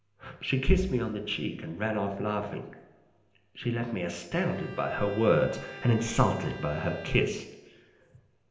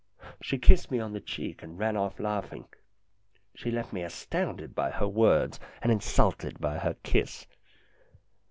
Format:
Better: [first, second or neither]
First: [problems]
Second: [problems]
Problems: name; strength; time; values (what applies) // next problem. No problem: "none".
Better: second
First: background sound (Bowed string instrument); 17 dB below the speech // room echo; dies away in 0.9 s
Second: none